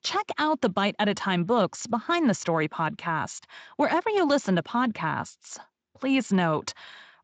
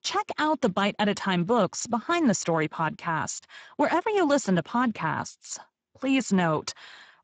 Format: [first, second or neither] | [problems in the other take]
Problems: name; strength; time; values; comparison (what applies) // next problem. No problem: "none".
first | garbled, watery; badly; nothing above 7.5 kHz; slightly in the first